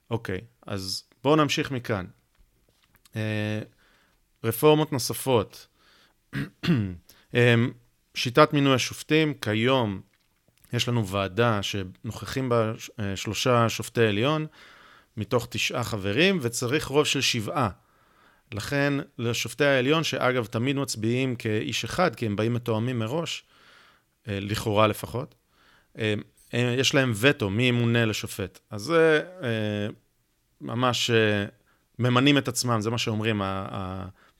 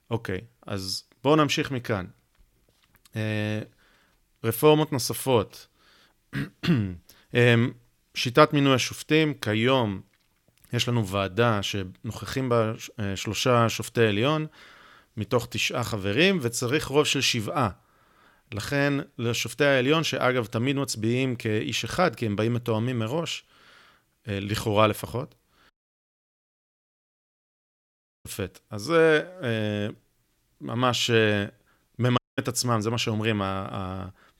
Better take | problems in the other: first | audio cutting out; at 26 s for 2.5 s and at 32 s

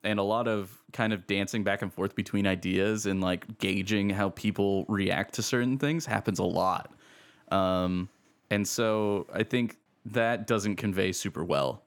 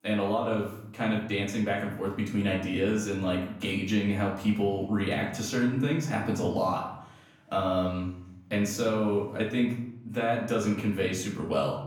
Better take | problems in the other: first | room echo; noticeable; dies away in 0.7 s // off-mic speech; far

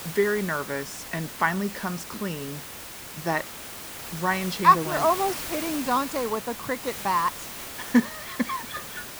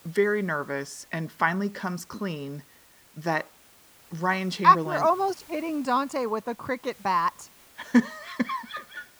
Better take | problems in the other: second | hiss; loud; throughout; 9 dB below the speech; faint in the second

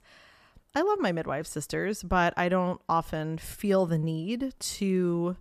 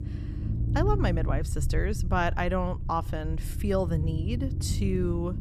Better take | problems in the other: first | low rumble; noticeable; throughout; 15 dB below the speech

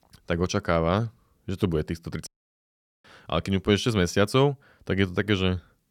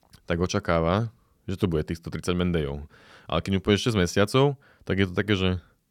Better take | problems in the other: second | audio cutting out; at 2.5 s for 1 s

